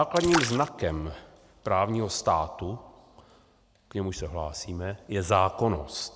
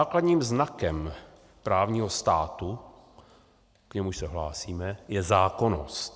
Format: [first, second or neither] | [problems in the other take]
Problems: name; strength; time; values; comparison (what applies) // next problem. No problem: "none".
second | background sound (Splash, splatter); 6 dB below the speech